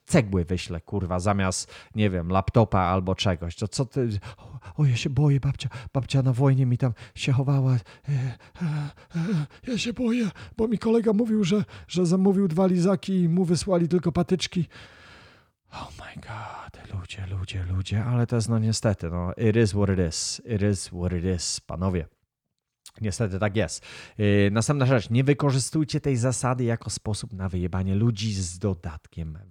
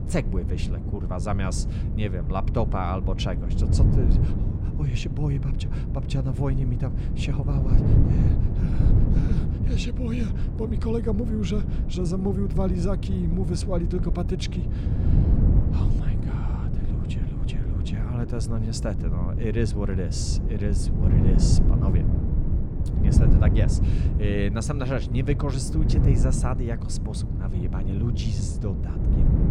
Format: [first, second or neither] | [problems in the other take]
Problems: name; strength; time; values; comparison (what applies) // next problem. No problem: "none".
first | wind noise on the microphone; heavy; 3 dB below the speech